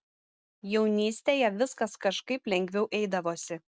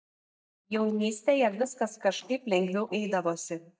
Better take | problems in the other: first | noise reduction (neural mask model DeepFilterNet 3)

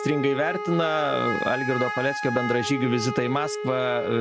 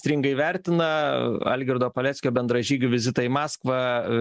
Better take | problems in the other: second | background sound (Wind instrument, woodwind instrument); 5 dB below the speech

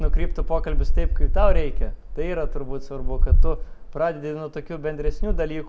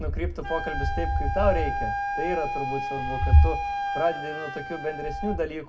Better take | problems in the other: first | background sound (Wind instrument, woodwind instrument); 6 dB below the speech // room echo; dies away in 0.2 s

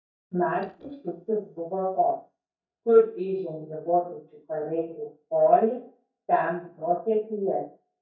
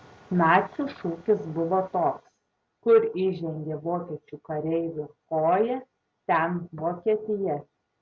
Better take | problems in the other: second | noise reduction (neural mask model DeepFilterNet 3)

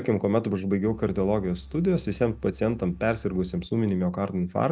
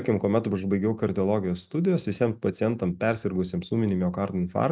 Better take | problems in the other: second | background sound (Engine); 18 dB below the speech

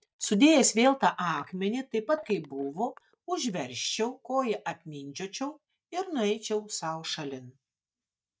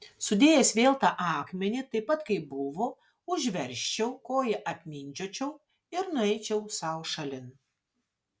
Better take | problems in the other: second | noise reduction (neural mask model DeepFilterNet 3)

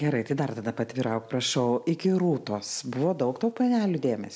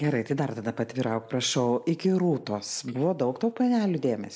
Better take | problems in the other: first | noise reduction (neural mask model Resemble Enhance denoiser)

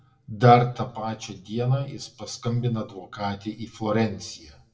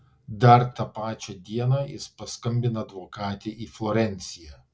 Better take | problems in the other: second | room echo; dies away in 0.5 s

